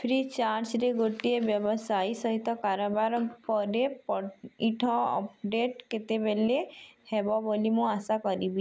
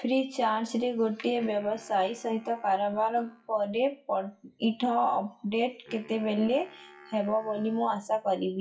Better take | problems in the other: first | noise reduction (classical method WPE with log-MMSE)

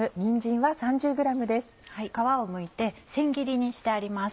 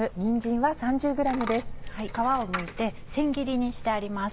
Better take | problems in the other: first | background sound (Coin (dropping)); 9 dB below the speech

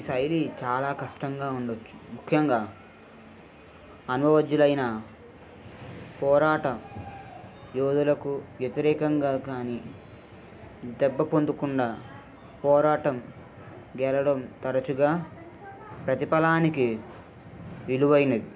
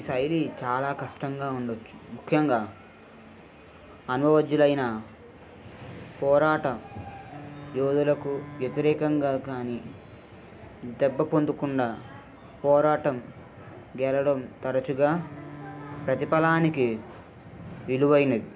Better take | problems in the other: first | background sound (Wind instrument, woodwind instrument); 17 dB below the speech

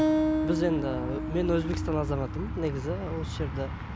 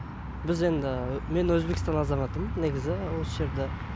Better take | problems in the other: second | background sound (Acoustic guitar); 2 dB below the speech

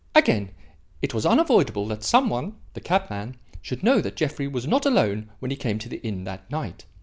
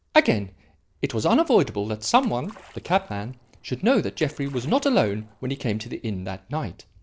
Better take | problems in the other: first | noise reduction (neural separator model SepFormer DNS4)

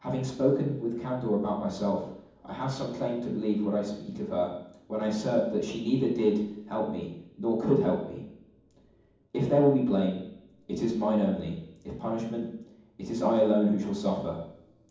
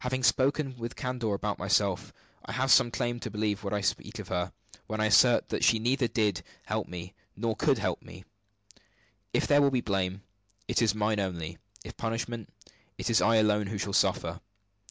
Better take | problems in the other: second | room echo; dies away in 1.2 s

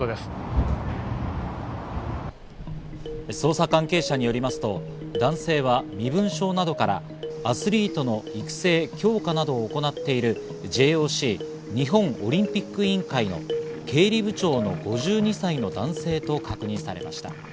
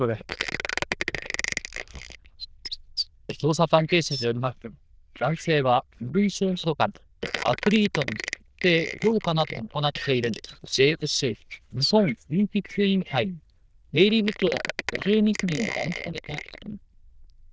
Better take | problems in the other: first | noise reduction (neural diffusion model UNIVERSE++)

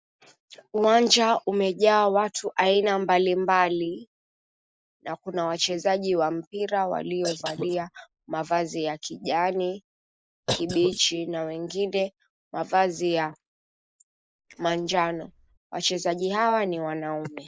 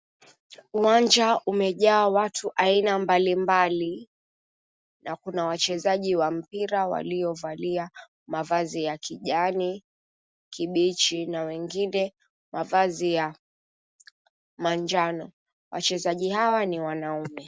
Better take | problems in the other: second | noise reduction (neural mask model Resemble Enhance denoiser)

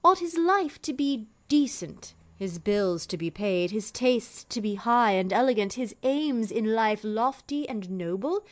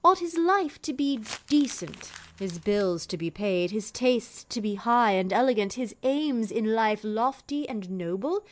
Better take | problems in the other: first | background sound (Crumpling, crinkling); 18 dB below the speech

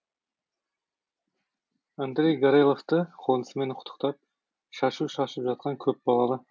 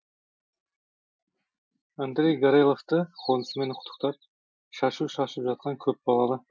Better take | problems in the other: first | noise reduction (classical method Wiener filter)

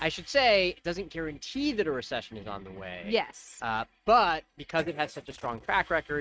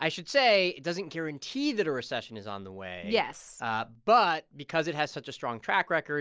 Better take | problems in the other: second | noise reduction (neural mask model RNNoise)

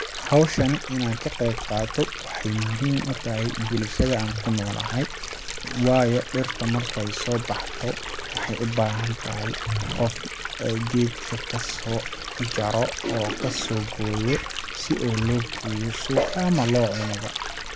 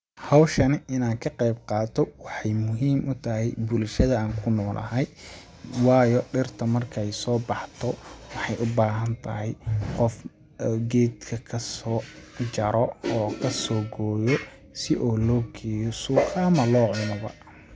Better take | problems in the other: second | background sound (Stream); 7 dB below the speech

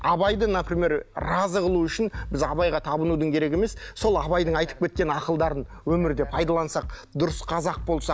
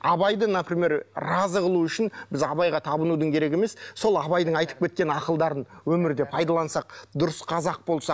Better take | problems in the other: second | background sound (Bass drum); 12 dB below the speech

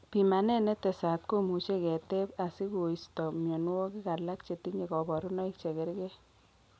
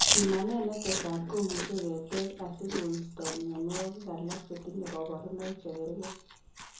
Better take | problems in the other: first | background sound (Chewing, mastication); 1 dB below the speech // room echo; dies away in 0.7 s

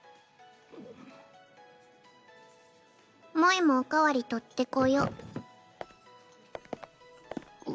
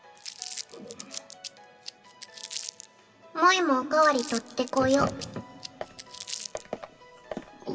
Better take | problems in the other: first | background sound (Crumpling, crinkling); 12 dB below the speech // room echo; dies away in 1.6 s

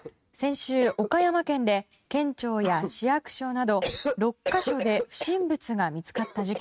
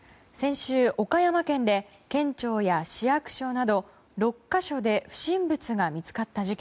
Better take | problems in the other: second | noise reduction (neural mask model RNNoise)

